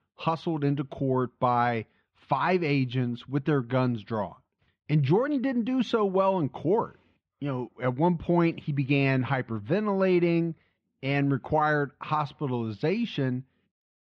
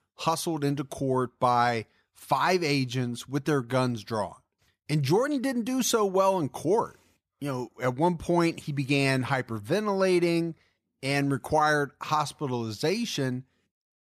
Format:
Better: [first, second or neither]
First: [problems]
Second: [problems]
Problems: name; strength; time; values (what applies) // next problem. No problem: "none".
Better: second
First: muffled; slightly; fading above 3 kHz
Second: none